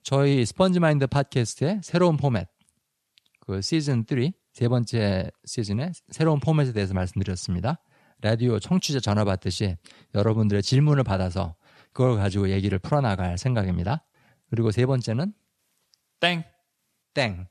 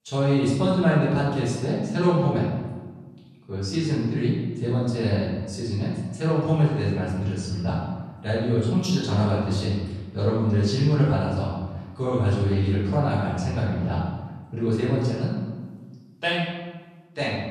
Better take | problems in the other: first | room echo; noticeable; dies away in 1.2 s // off-mic speech; far

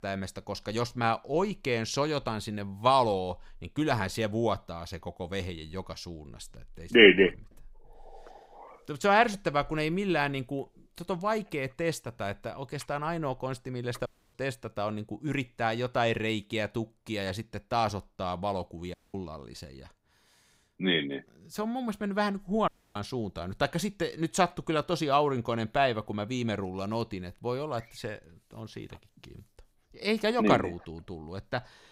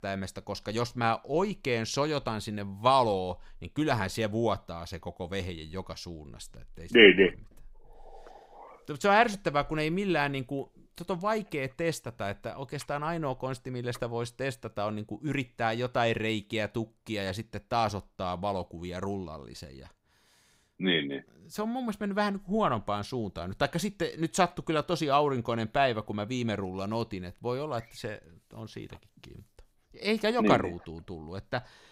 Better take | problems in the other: second | audio cutting out; at 14 s, at 19 s and at 23 s

